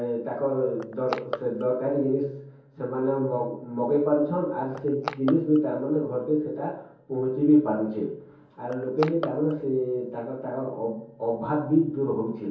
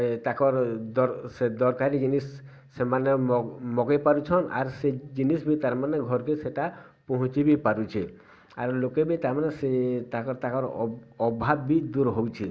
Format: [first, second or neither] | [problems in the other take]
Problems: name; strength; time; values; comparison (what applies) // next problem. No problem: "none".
second | background sound (Crushing); 16 dB below the speech // room echo; dies away in 0.6 s